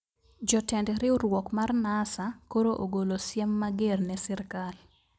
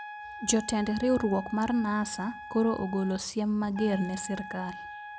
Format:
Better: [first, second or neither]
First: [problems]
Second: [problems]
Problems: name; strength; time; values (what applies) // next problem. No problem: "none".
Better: first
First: none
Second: background sound (Trumpet); 13 dB below the speech